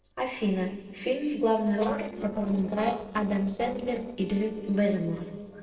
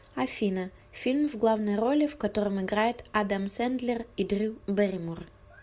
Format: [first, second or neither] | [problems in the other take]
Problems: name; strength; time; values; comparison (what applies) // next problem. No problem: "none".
second | noise reduction (neural separator model SepFormer DNS4)